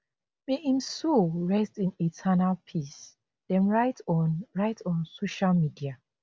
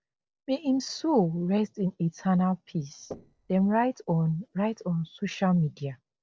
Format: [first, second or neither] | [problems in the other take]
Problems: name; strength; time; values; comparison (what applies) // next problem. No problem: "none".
first | noise reduction (neural separator model SepFormer DNS4)